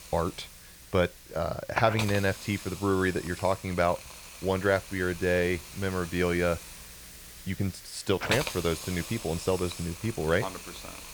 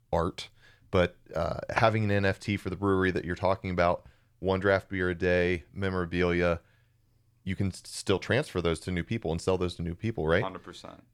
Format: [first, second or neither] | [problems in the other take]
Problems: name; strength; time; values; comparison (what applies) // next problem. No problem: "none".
second | hiss; noticeable; throughout; 10 dB below the speech